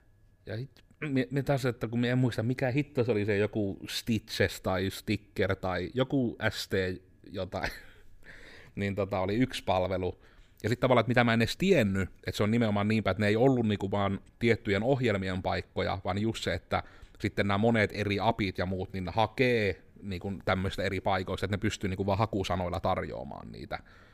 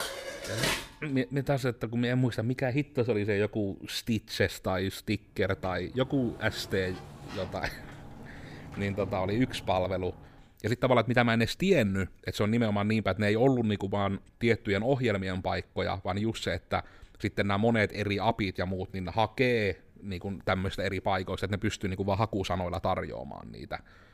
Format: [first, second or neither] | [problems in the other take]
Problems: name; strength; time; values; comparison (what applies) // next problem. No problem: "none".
first | clattering dishes; loud; at the start; peak level with the speech // door banging; faint; from 5.5 to 10 s; peak 10 dB below the speech